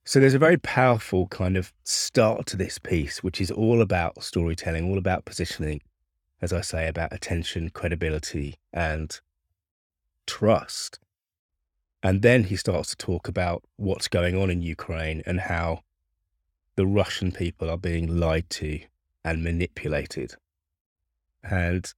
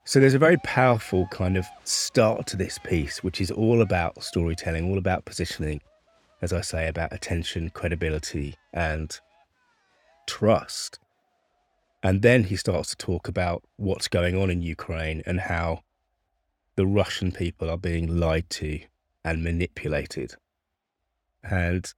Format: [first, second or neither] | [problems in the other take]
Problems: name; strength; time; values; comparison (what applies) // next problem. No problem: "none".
first | crowd noise; faint; throughout; 30 dB below the speech